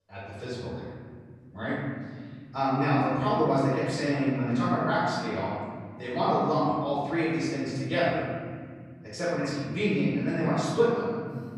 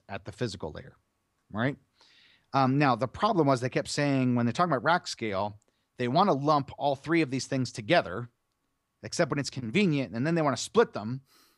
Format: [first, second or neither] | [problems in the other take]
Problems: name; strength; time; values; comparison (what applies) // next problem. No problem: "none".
second | off-mic speech; far // room echo; strong; dies away in 2.1 s